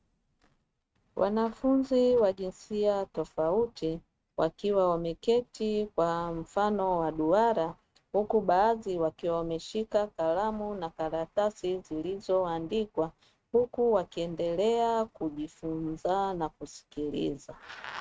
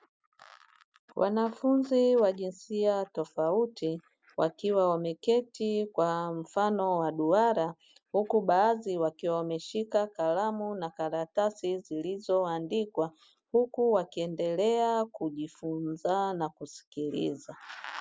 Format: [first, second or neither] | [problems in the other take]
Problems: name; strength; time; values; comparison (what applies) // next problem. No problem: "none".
second | noise reduction (neural mask model RNNoise)